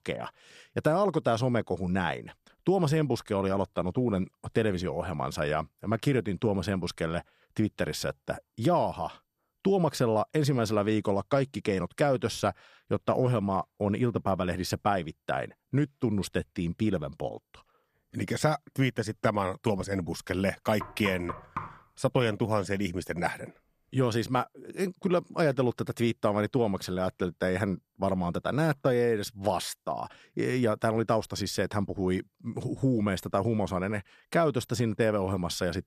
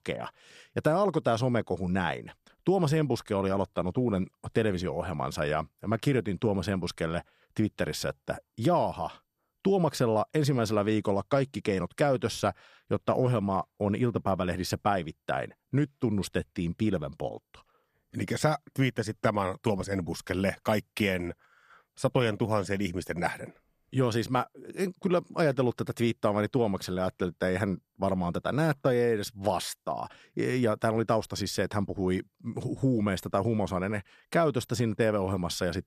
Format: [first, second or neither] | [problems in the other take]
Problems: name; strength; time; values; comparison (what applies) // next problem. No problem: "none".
second | door banging; noticeable; at 21 s; peak 9 dB below the speech